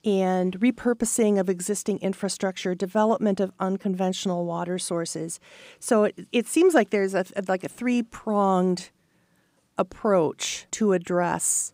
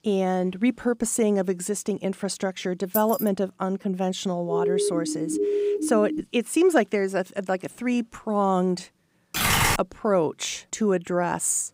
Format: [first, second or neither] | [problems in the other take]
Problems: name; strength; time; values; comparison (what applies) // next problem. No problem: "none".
first | jangling keys; noticeable; at 3 s; peak 4 dB below the speech // siren; loud; from 4.5 to 6 s; peak 1 dB above the speech // keyboard typing; loud; at 9.5 s; peak 6 dB above the speech